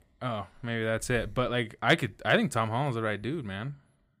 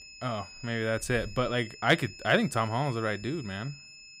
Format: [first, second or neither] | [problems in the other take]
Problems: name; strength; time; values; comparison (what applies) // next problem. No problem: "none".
first | high-pitched whine; noticeable; throughout; 2.5 kHz, 15 dB below the speech